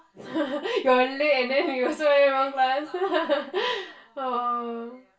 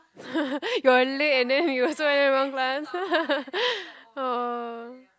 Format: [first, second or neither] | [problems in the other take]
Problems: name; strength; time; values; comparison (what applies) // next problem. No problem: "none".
second | room echo; dies away in 0.2 s